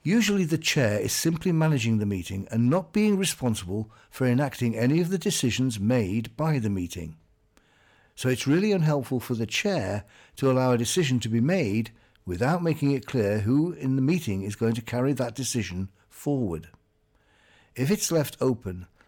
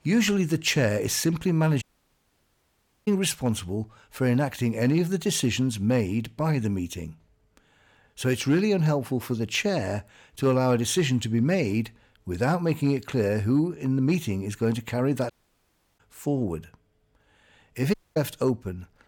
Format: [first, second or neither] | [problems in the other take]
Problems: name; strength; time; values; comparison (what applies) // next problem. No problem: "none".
first | audio cutting out; at 2 s for 1 s, at 15 s for 0.5 s and at 18 s